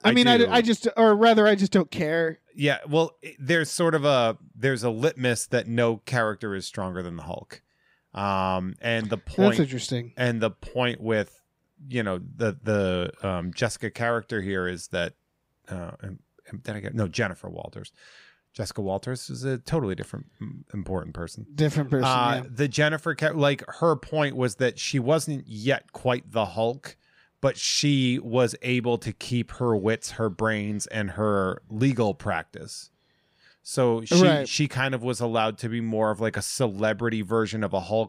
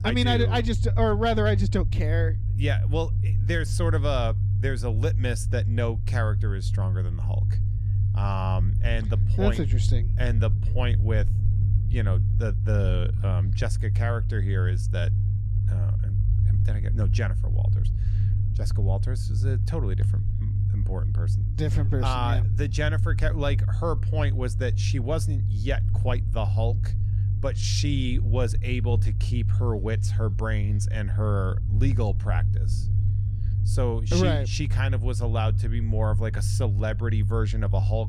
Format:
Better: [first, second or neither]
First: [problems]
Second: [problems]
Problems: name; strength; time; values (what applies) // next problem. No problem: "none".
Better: first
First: none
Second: low rumble; loud; throughout; 9 dB below the speech